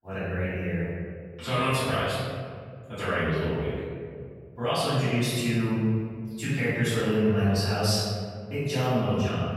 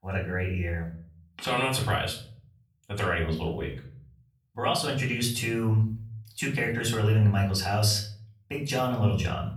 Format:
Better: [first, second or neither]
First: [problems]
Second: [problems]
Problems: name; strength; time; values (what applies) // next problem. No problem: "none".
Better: second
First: room echo; strong; dies away in 2.1 s // off-mic speech; far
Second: room echo; slight; dies away in 0.4 s // off-mic speech; far